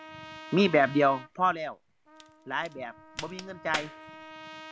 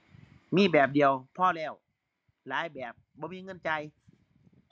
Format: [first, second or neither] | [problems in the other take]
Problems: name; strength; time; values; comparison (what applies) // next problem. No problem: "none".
second | background sound (Crack + Trumpet); 14 dB below the speech